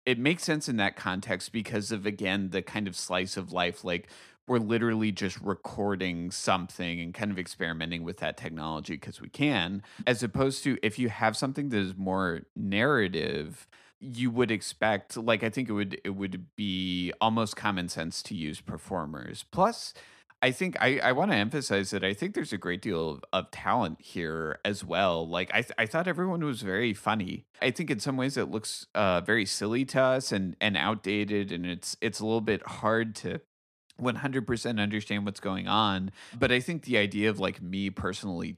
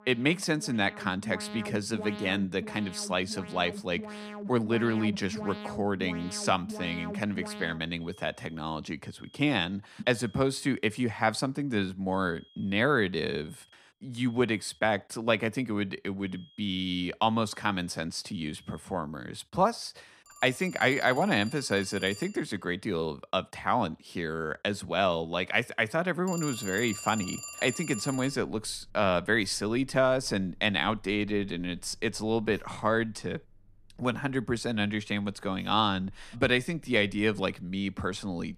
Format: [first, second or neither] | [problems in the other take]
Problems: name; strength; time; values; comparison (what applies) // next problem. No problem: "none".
first | alarms or sirens; noticeable; throughout; 10 dB below the speech